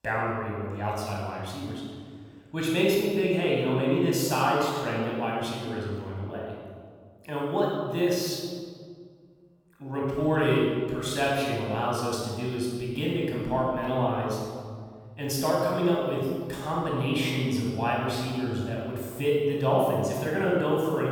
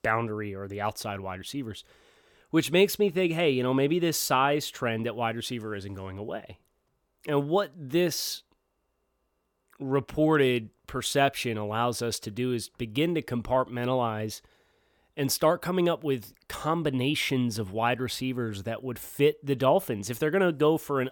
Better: second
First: off-mic speech; far // room echo; strong; dies away in 1.6 s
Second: none

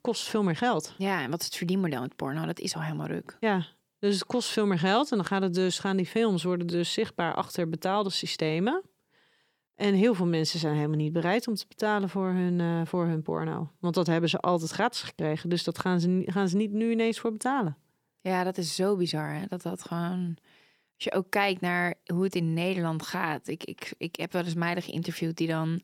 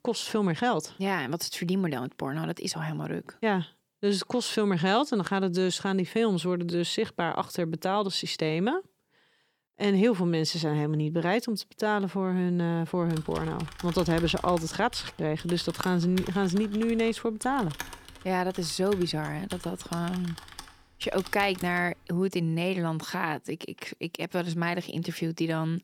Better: first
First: none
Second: keyboard typing; faint; from 13 to 22 s; peak 10 dB below the speech

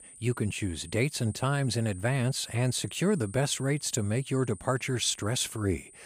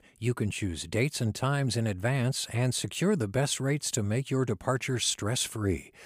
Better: second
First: high-pitched whine; noticeable; throughout; 9 kHz, 20 dB below the speech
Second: none

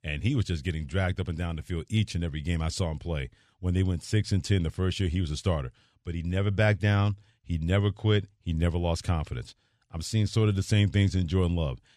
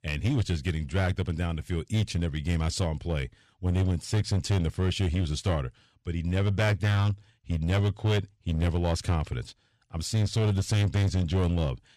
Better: first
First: none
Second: distortion; slight; 10% of the sound clipped

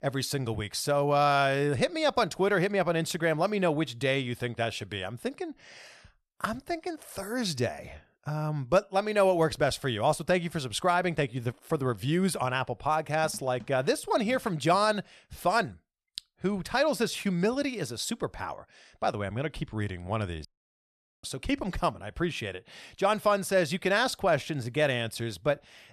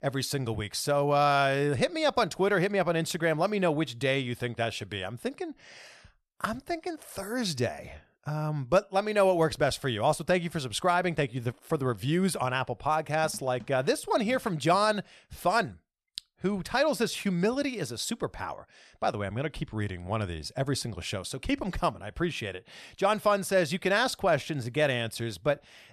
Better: second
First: audio cutting out; at 20 s for 1 s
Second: none

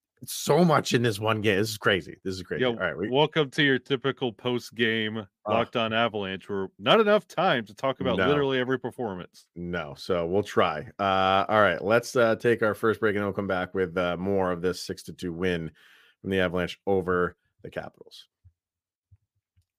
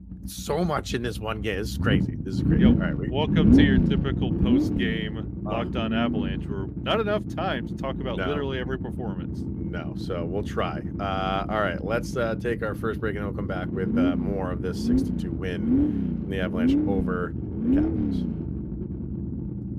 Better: first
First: none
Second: low rumble; loud; throughout; 3 dB below the speech

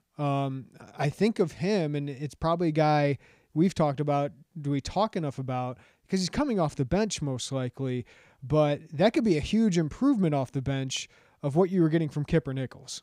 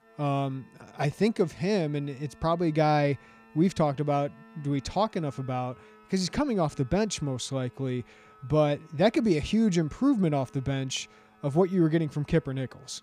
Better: first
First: none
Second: background music; faint; throughout; 25 dB below the speech

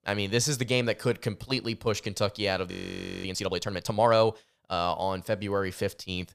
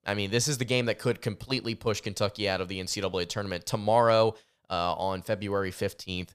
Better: second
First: audio freezing; at 2.5 s for 0.5 s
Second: none

